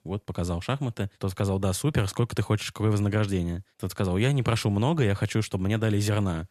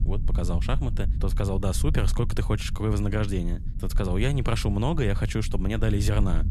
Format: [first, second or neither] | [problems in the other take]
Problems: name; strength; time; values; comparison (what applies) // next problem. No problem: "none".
first | low rumble; noticeable; throughout; 15 dB below the speech